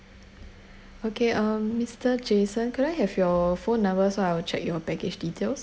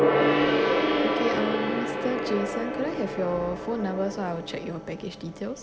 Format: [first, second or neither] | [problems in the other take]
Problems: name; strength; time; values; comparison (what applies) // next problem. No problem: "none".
first | background sound (Gong); 4 dB above the speech